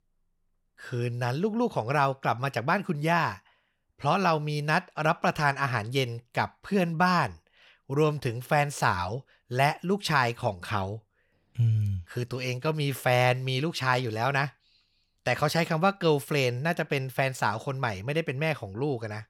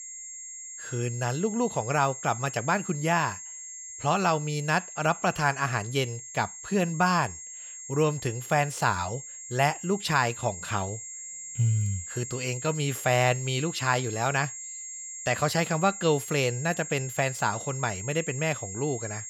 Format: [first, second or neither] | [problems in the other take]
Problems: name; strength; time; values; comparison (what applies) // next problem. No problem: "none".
first | high-pitched whine; loud; throughout; 7.5 kHz, 10 dB below the speech